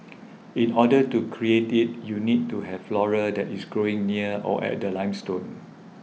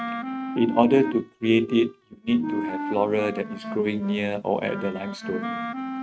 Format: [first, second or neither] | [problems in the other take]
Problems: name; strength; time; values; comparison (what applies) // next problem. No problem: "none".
first | noise reduction (neural mask model RNNoise)